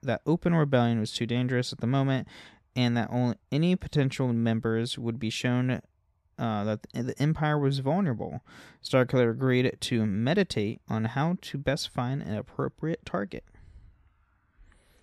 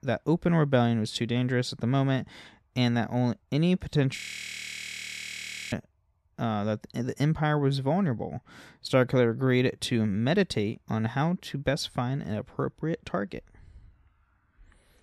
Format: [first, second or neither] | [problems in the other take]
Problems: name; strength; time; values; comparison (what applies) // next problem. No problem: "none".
first | audio freezing; at 4 s for 1.5 s